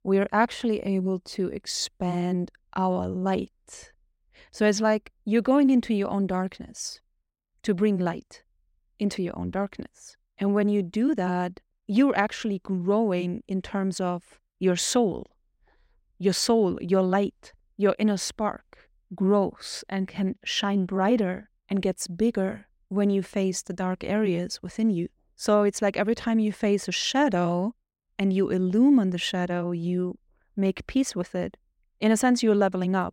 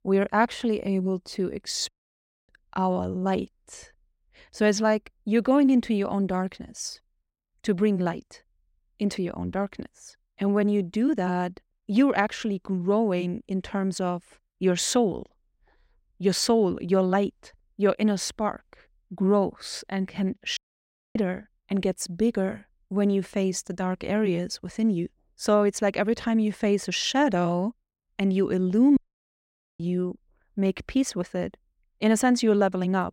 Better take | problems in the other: first | audio cutting out; at 2 s for 0.5 s, at 21 s for 0.5 s and at 29 s for 1 s

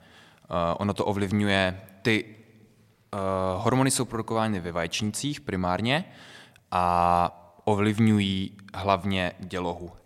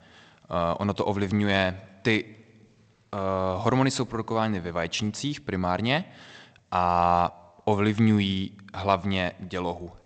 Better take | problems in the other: first | garbled, watery; slightly; nothing above 8 kHz

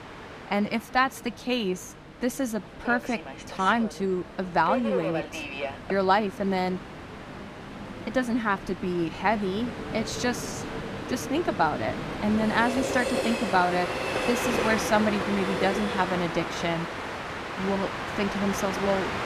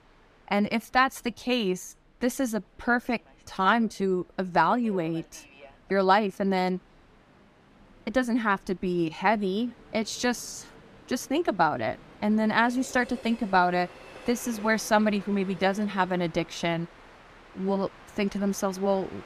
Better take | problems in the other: second | train or aircraft noise; loud; throughout; 5 dB below the speech; faint in the second

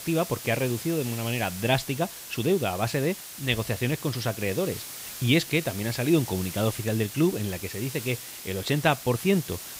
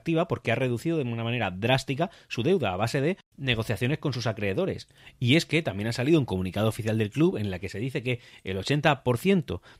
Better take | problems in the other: second | hiss; loud; throughout; 10 dB below the speech

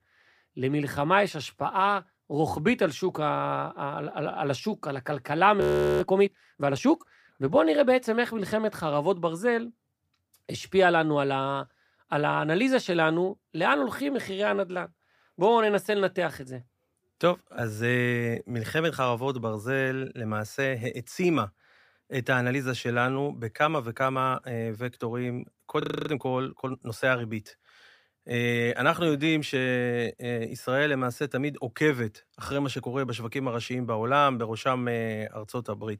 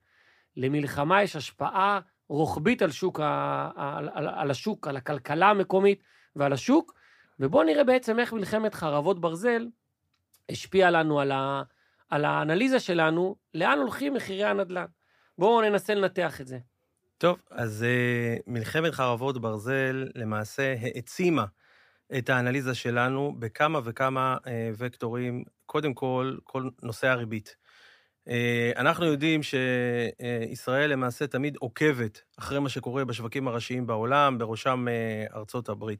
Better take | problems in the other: second | audio freezing; at 5.5 s and at 26 s

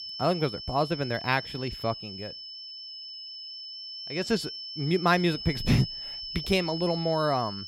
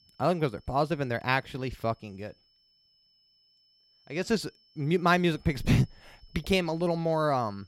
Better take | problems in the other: second | high-pitched whine; loud; throughout; 5.5 kHz, 8 dB below the speech; faint in the second

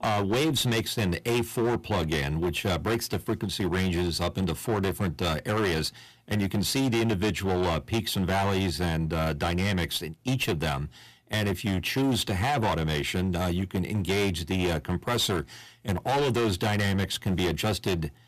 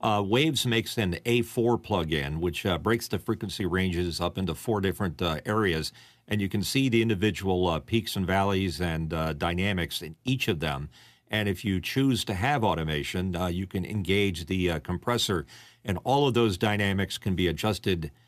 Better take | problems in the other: second | distortion; heavy; 18% of the sound clipped

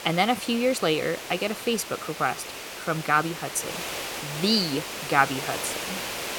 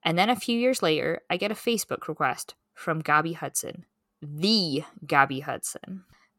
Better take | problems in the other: second | hiss; loud; throughout; 7 dB below the speech

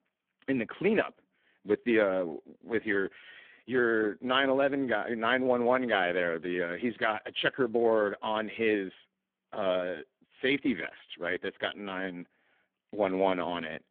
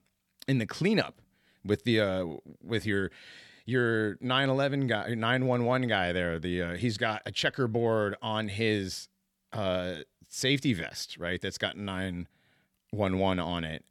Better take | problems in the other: second | phone-call audio; poor line

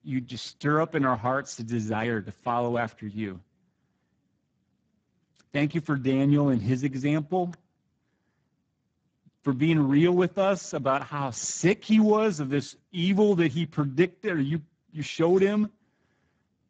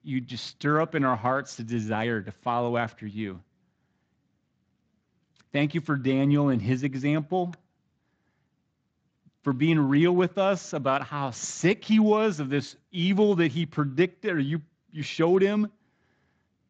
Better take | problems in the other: second | garbled, watery; badly; nothing above 7.5 kHz; slightly in the second

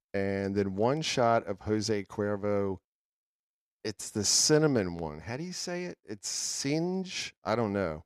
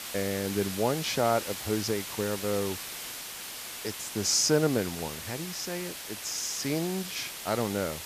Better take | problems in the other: first | hiss; loud; throughout; 7 dB below the speech

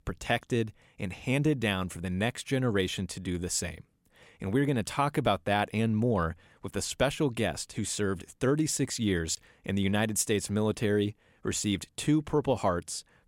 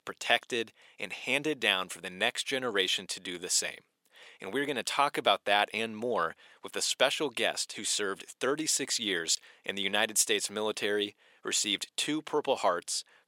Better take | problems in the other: first | thin; somewhat; fading below 450 Hz

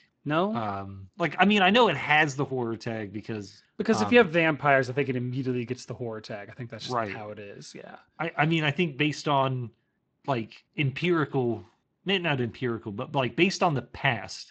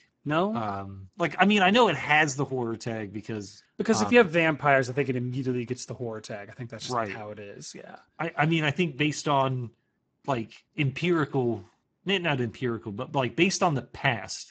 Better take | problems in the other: first | garbled, watery; badly; nothing above 7.5 kHz; slightly in the first

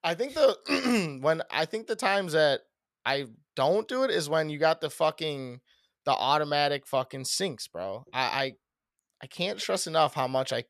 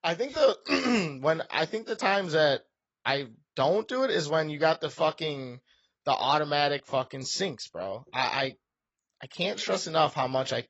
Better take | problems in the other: first | garbled, watery; badly; nothing above 7.5 kHz

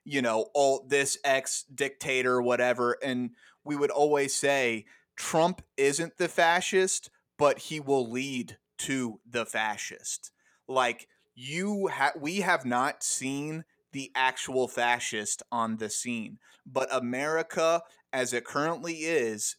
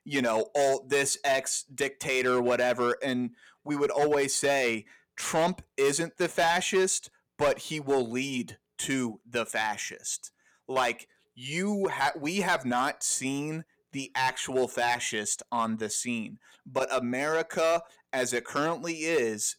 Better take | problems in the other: first | distortion; slight; 4% of the sound clipped

